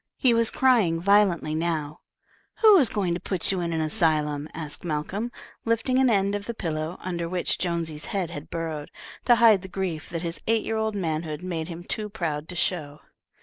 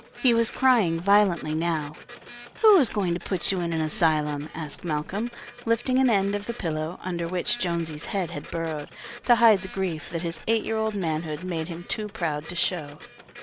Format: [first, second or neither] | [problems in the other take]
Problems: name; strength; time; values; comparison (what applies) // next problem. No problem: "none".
first | background sound (Printer); 19 dB below the speech